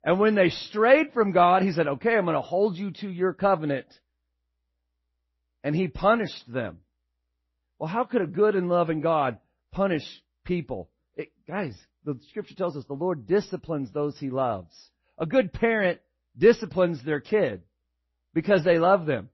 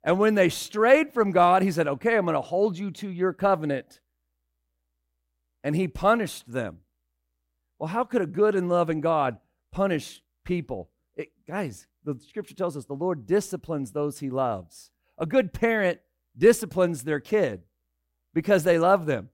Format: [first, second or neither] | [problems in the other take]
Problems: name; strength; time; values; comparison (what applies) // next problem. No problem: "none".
second | garbled, watery; slightly; nothing above 5.5 kHz